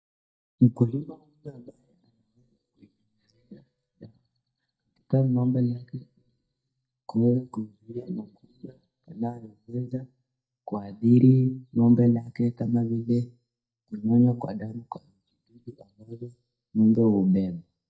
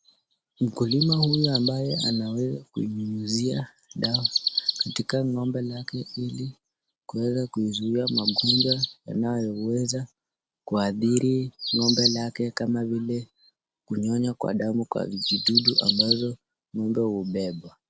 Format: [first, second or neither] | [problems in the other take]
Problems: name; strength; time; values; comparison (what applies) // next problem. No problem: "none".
second | noise reduction (neural mask model DeepFilterNet 3)